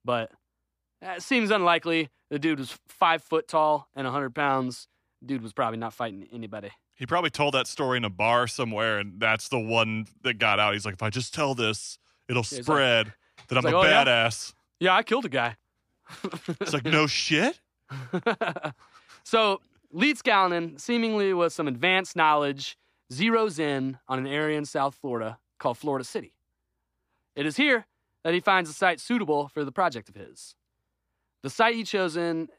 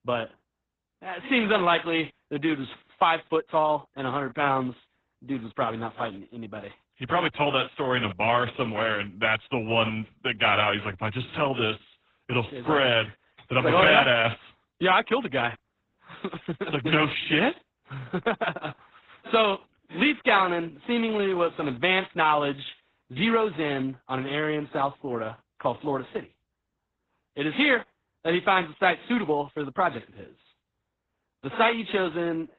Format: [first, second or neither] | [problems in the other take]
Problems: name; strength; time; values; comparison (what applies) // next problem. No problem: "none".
first | garbled, watery; badly; nothing above 4 kHz